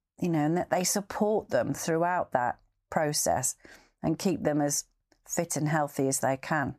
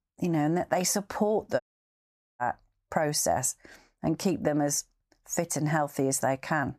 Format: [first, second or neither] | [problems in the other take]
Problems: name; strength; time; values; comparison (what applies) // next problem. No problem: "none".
first | audio cutting out; at 1.5 s for 1 s